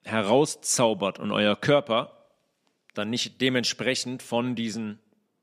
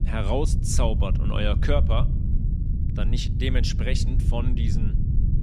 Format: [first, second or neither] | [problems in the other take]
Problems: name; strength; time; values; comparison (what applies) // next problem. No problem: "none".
first | low rumble; loud; throughout; 8 dB below the speech